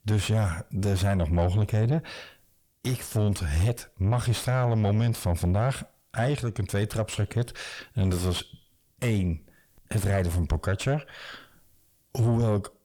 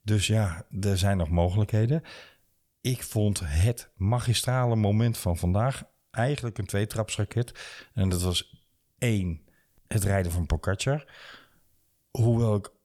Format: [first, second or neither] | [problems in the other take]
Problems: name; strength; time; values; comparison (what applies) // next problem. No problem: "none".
second | distortion; slight; 10 dB below the speech